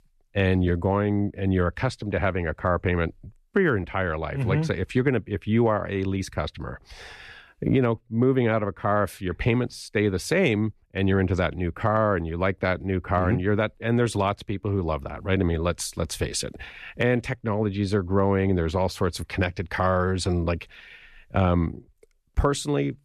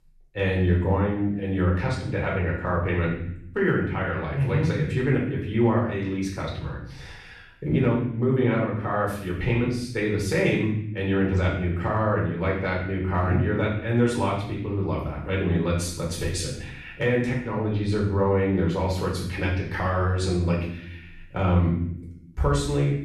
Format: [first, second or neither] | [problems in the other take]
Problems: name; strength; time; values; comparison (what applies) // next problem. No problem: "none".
first | room echo; noticeable; dies away in 0.7 s // off-mic speech; far